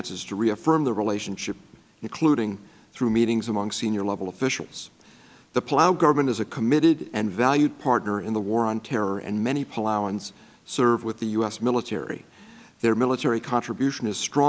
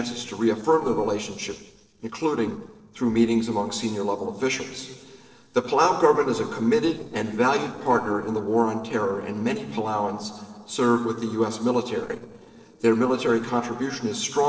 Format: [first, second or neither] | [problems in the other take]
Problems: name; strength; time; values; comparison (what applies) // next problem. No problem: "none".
first | noise reduction (neural separator model SepFormer DNS4)